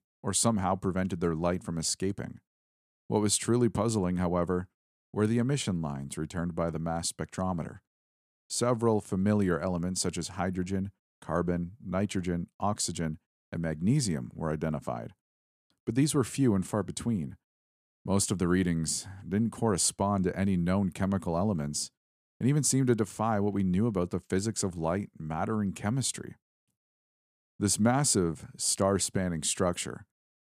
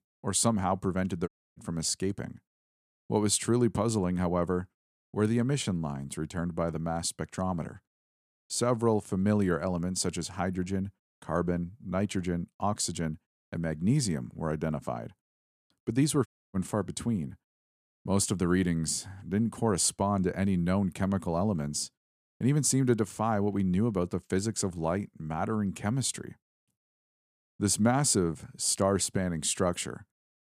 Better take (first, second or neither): first